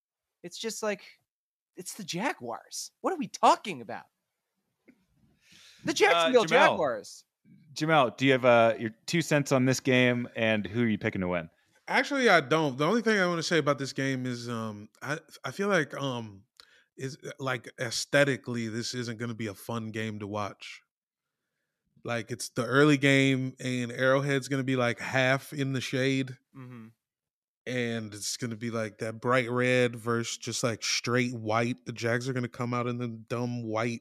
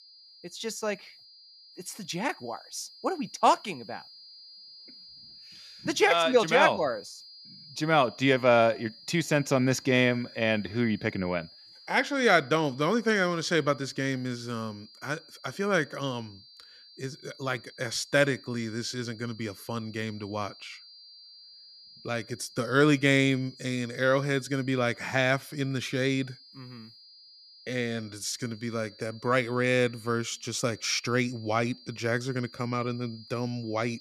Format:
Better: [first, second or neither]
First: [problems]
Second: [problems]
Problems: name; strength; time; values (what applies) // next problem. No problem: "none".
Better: first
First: none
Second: high-pitched whine; faint; throughout; 5 kHz, 20 dB below the speech